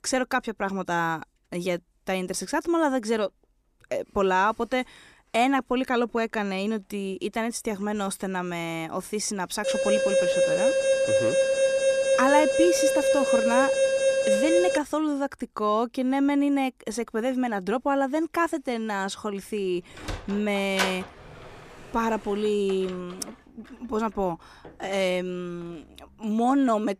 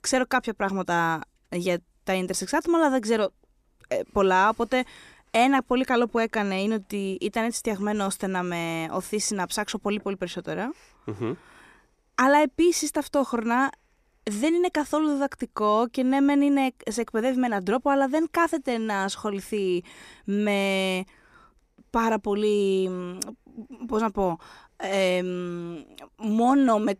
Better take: second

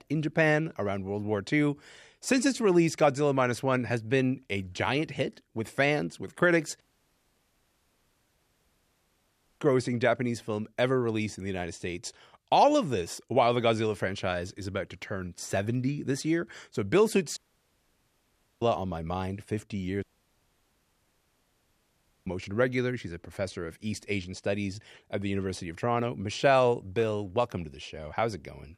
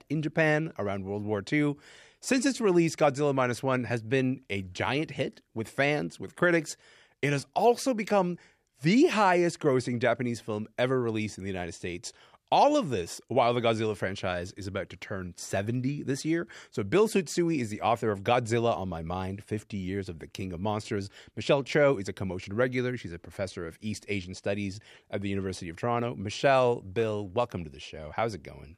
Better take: second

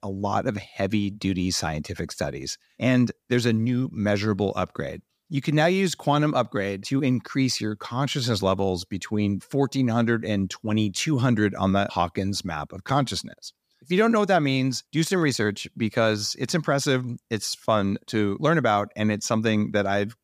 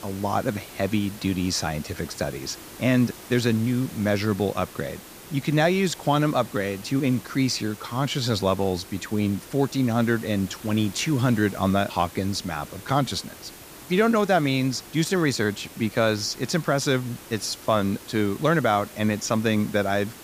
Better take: first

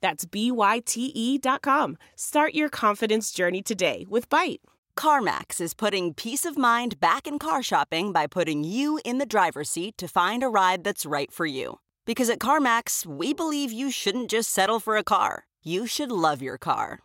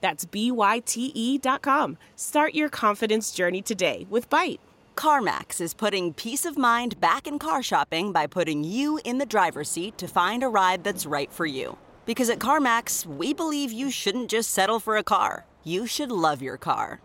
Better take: first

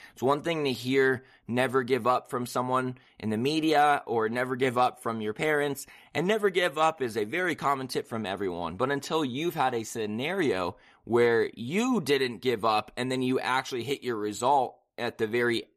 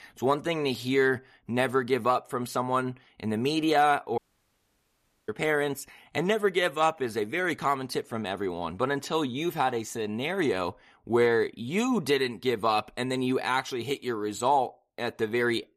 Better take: first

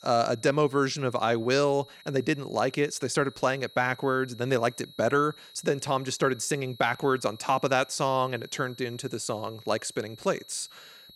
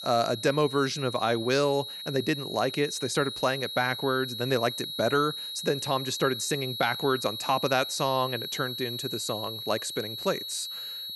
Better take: first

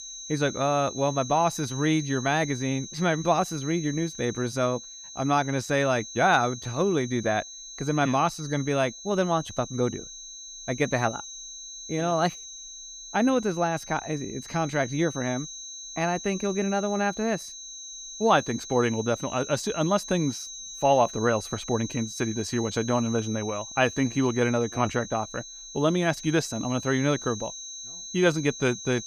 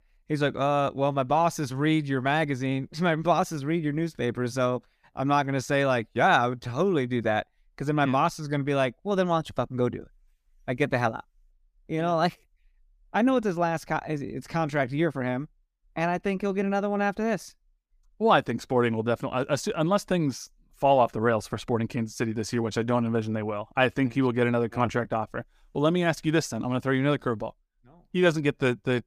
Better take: second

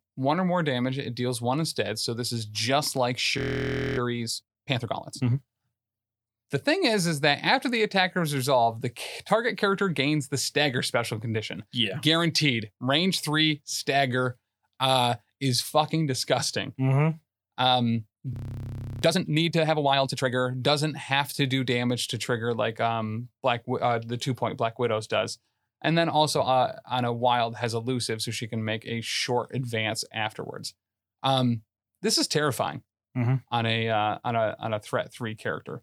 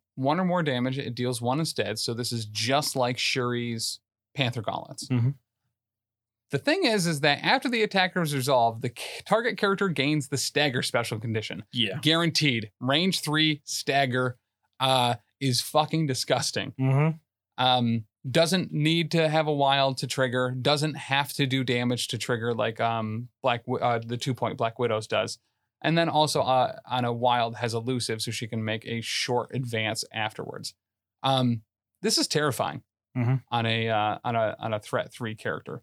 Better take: second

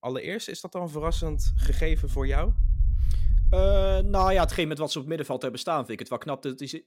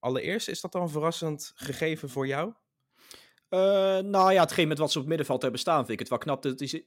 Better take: second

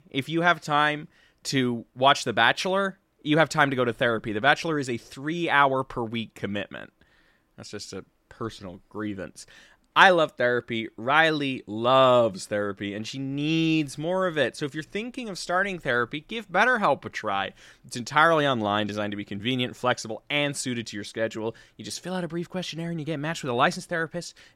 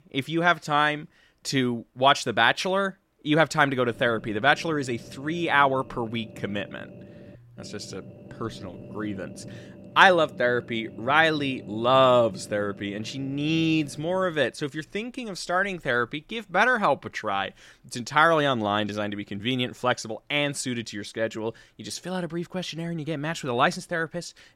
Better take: first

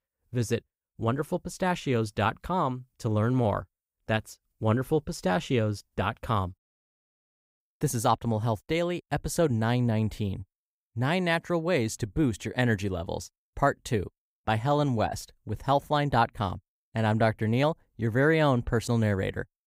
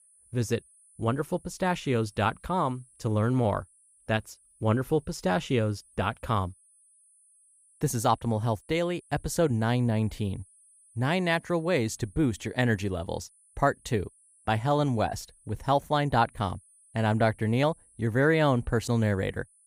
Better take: first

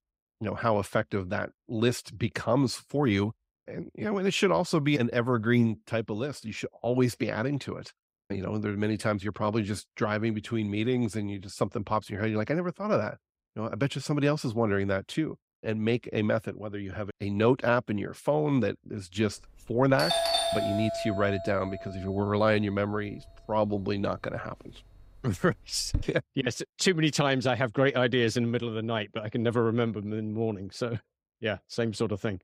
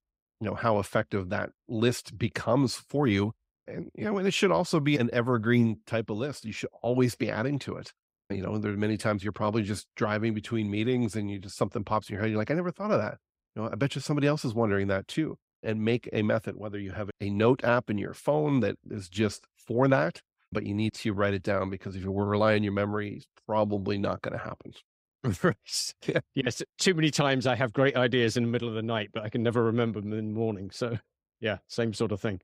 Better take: second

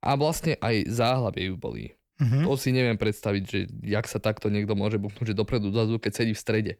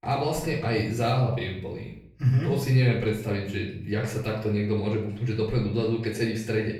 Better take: first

